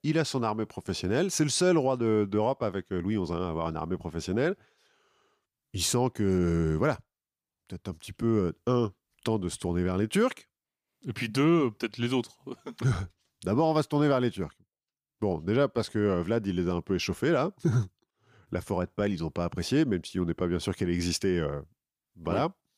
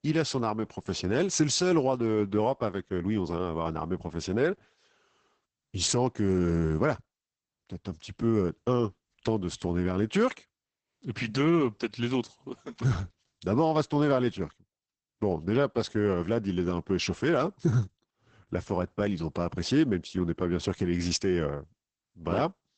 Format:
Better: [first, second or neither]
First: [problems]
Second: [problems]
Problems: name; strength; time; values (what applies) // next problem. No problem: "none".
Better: first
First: none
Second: garbled, watery; badly; nothing above 8 kHz